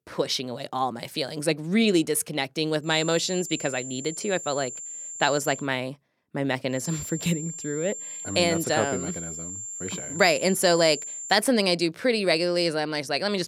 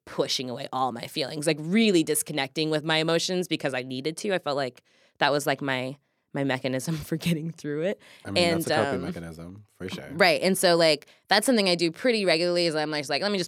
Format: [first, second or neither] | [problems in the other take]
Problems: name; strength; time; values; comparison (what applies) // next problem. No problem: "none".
second | high-pitched whine; loud; from 3 to 5.5 s and from 7 to 11 s; 7.5 kHz, 9 dB below the speech